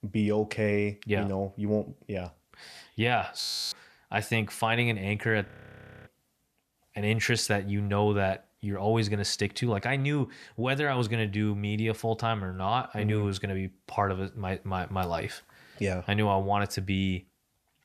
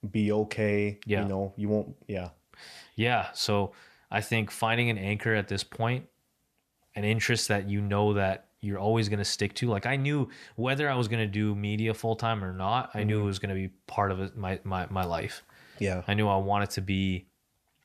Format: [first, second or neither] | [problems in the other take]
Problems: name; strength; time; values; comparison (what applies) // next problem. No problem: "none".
second | audio freezing; at 3.5 s and at 5.5 s for 0.5 s